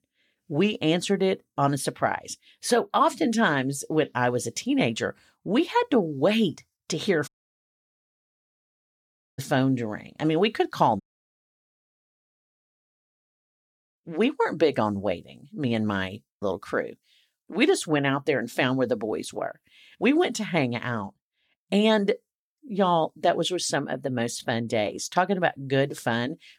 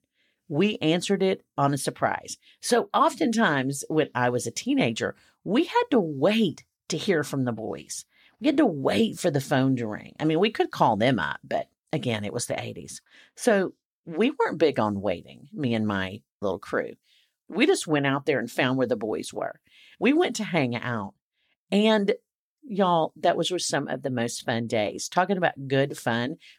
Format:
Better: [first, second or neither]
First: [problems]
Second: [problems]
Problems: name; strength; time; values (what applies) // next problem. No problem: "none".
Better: second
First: audio cutting out; at 7.5 s for 2 s and at 11 s for 3 s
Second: none